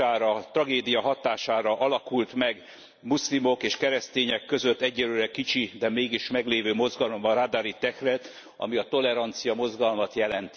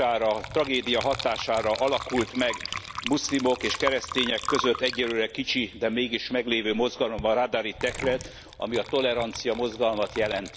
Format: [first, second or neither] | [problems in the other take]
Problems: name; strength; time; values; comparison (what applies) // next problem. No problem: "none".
first | background sound (Water / Liquid); 11 dB below the speech